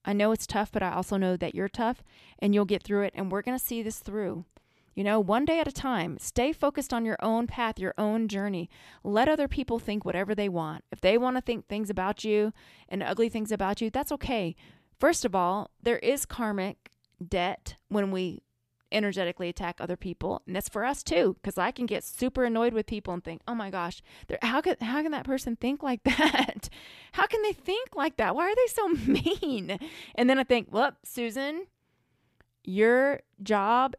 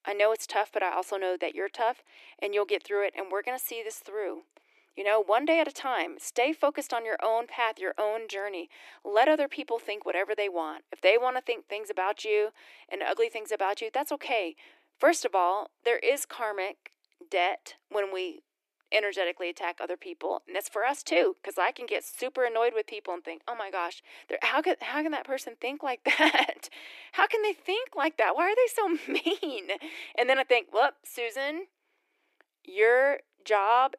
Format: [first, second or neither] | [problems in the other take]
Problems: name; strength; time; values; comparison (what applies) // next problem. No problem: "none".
first | thin; very; fading below 300 Hz